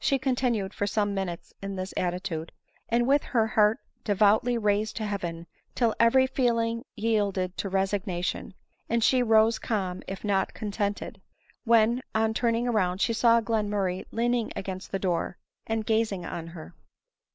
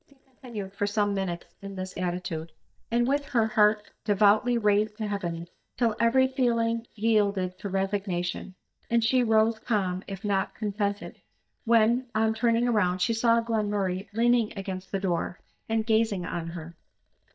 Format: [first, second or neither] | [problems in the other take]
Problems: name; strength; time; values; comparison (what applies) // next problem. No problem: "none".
first | noise reduction (neural mask model DeepFilterNet 3)